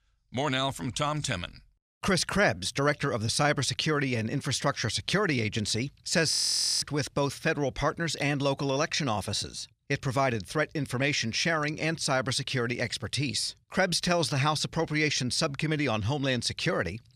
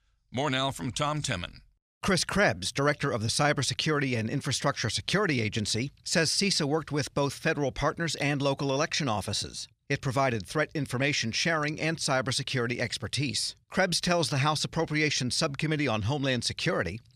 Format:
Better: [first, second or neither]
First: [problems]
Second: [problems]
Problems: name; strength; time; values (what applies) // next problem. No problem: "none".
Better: second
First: audio freezing; at 6.5 s for 0.5 s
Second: none